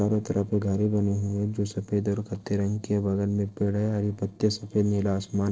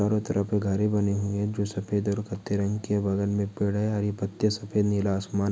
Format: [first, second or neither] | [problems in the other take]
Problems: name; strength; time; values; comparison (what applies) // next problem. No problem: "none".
second | noise reduction (neural separator model SepFormer DNS4)